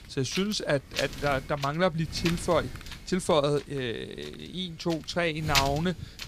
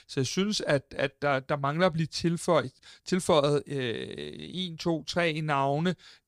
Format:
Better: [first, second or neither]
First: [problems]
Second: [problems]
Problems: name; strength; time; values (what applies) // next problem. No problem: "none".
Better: second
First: wind noise on the microphone; heavy; 6 dB below the speech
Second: none